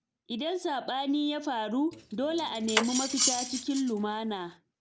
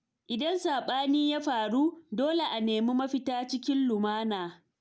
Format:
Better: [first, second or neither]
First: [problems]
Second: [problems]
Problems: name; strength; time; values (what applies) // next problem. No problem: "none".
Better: second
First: background sound (Cutlery, silverware); 2 dB below the speech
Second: none